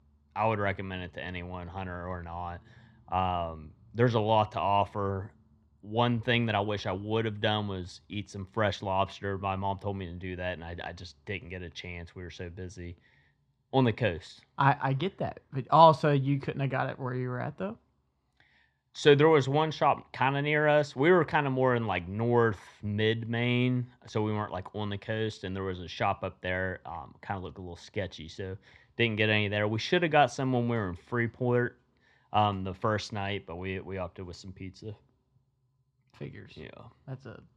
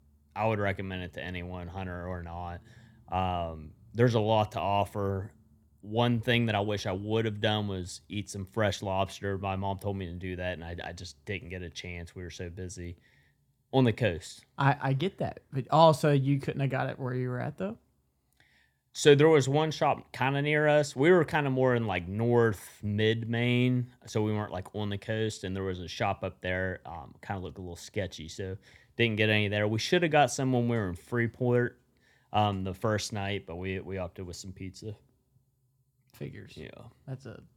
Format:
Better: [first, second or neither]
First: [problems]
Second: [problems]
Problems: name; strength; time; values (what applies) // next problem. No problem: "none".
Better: second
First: muffled; very slightly; fading above 4 kHz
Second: none